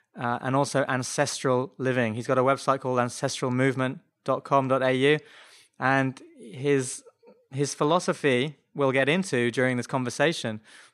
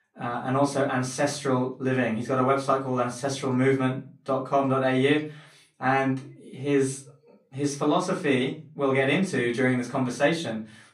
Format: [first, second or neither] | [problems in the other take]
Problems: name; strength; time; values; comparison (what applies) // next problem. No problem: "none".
first | room echo; slight; dies away in 0.3 s // off-mic speech; far